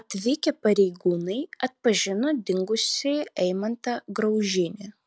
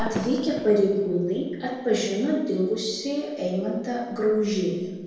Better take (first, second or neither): first